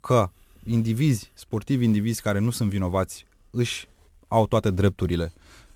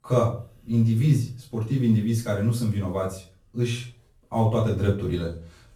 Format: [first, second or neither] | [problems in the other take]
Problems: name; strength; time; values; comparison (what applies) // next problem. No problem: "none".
first | off-mic speech; far // room echo; slight; dies away in 0.3 s